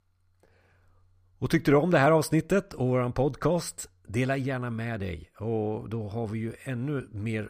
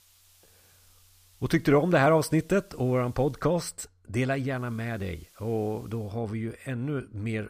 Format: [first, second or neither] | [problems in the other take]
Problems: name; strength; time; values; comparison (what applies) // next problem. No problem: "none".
first | hiss; faint; until 3.5 s and from 4.5 to 6 s; 30 dB below the speech